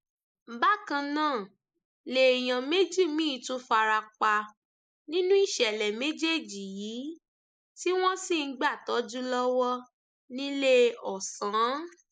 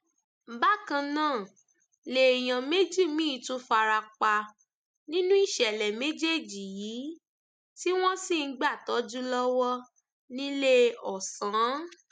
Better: second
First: noise reduction (neural mask model Resemble Enhance denoiser)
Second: none

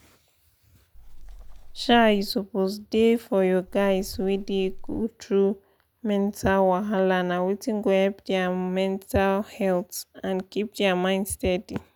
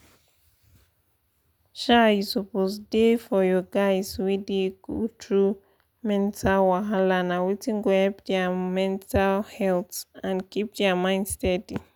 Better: second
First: background sound (Wind); 13 dB below the speech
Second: none

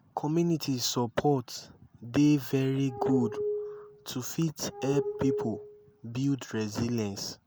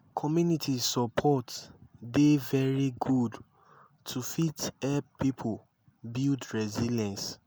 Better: second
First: background sound (Glass); 5 dB below the speech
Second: none

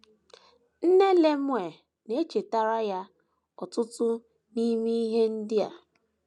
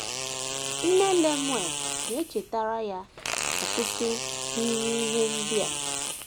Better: first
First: none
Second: background sound (Fart); 2 dB below the speech

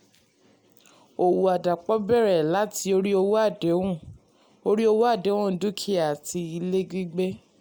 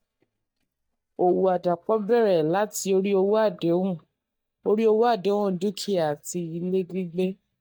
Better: first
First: none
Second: noise reduction (neural mask model DeepFilterNet 3)

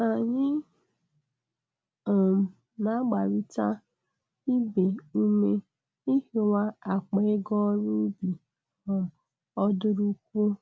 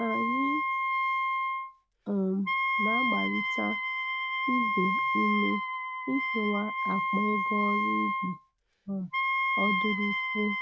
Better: first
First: none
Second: background sound (Wind instrument, woodwind instrument); 3 dB above the speech

